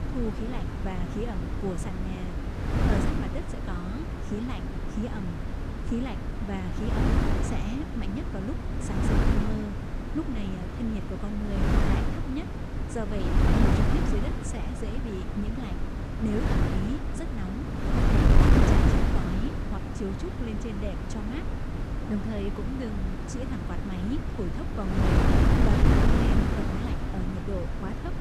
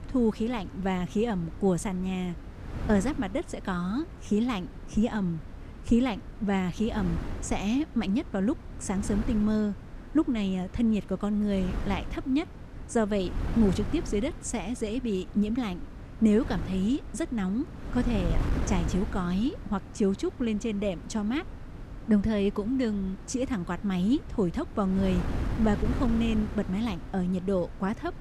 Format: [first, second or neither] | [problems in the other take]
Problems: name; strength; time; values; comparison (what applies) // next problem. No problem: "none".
second | wind noise on the microphone; heavy; 5 dB above the speech; occasional gusts in the second